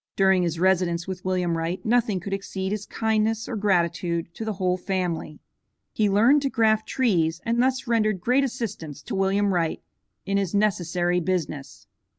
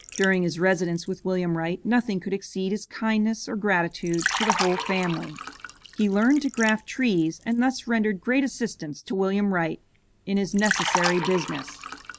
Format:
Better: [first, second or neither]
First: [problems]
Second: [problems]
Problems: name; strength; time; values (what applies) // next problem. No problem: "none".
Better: first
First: none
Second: background sound (Liquid); 9 dB below the speech